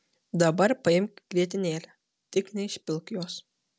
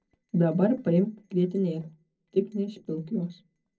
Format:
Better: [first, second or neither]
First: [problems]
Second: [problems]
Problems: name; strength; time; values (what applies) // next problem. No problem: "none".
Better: first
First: none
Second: noise reduction (neural separator model SepFormer DNS4)